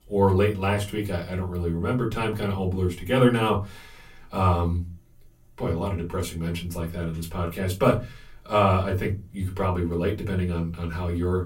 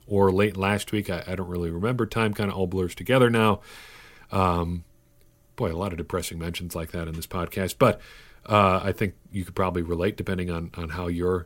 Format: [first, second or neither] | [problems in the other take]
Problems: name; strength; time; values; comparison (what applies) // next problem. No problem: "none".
second | off-mic speech; far // room echo; very slight; dies away in 0.3 s